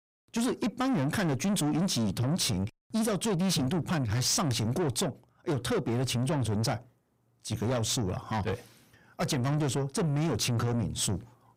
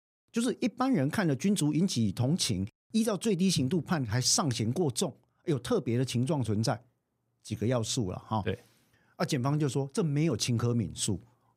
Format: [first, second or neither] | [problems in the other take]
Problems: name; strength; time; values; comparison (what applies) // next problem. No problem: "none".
second | distortion; heavy; 7 dB below the speech